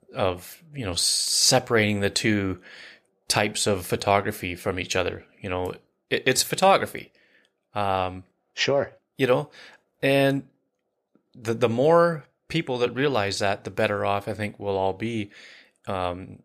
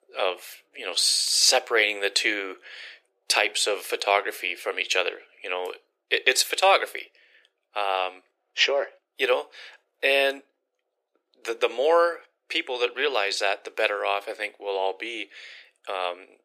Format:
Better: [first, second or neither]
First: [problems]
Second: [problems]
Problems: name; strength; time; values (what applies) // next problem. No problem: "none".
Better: first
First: none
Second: thin; very; fading below 350 Hz